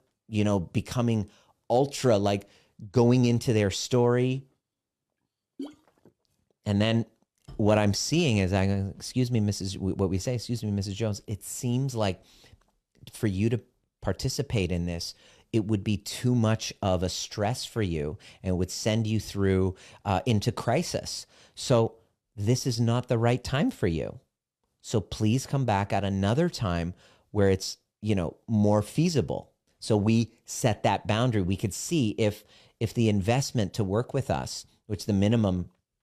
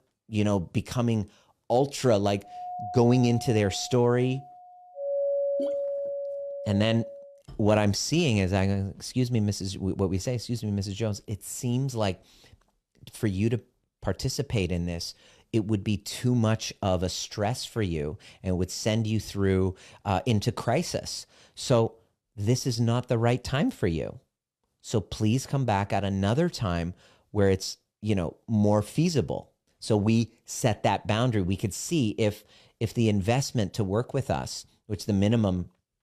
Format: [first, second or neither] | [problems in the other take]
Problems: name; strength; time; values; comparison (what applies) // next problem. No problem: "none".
first | doorbell; loud; from 2.5 to 7 s; peak level with the speech